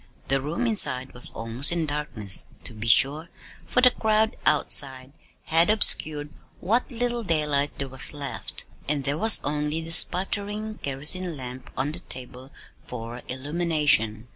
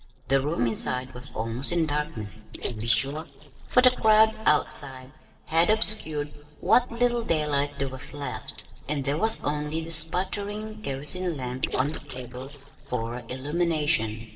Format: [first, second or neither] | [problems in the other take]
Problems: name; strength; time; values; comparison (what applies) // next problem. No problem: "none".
first | noise reduction (neural separator model SepFormer DNS4)